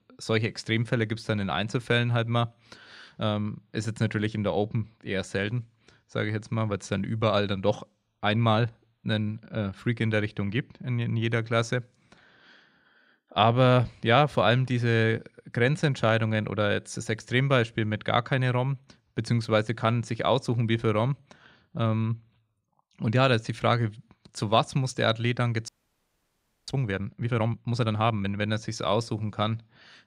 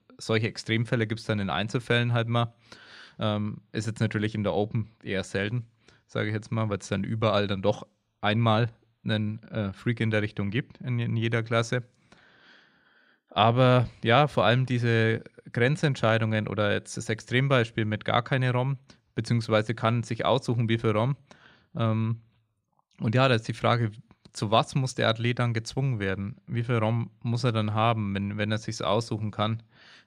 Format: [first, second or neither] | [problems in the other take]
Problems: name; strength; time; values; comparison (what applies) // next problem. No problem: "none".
second | audio freezing; at 26 s for 1 s